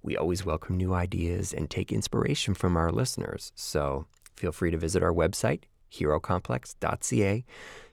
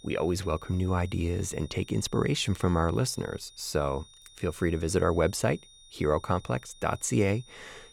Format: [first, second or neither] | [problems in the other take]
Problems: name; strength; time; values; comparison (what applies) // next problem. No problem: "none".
first | high-pitched whine; faint; throughout; 3.5 kHz, 25 dB below the speech